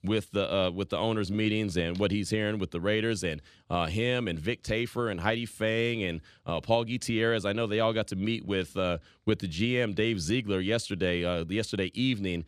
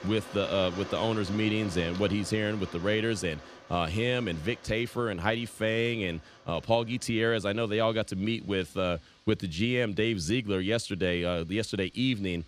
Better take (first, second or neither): first